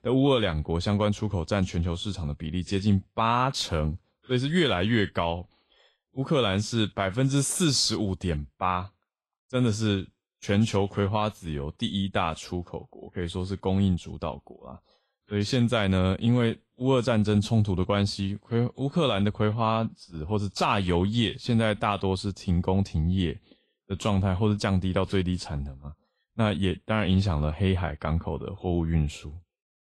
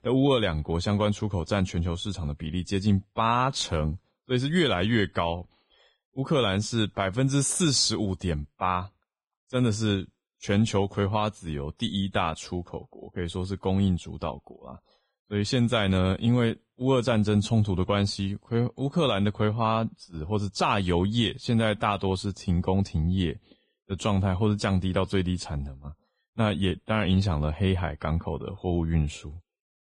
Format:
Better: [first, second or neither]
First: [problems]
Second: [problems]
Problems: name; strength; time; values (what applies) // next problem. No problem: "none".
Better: first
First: garbled, watery; slightly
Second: garbled, watery; badly; nothing above 10 kHz